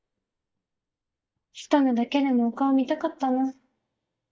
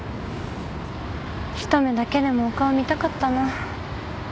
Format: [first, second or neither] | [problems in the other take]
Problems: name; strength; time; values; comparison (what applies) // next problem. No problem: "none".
second | noise reduction (neural mask model DeepFilterNet 3)